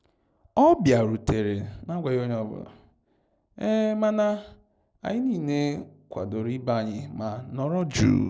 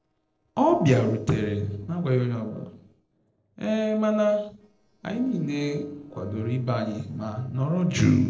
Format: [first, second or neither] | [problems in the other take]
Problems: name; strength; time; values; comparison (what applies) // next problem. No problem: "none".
first | noise reduction (neural separator model SepFormer DNS4)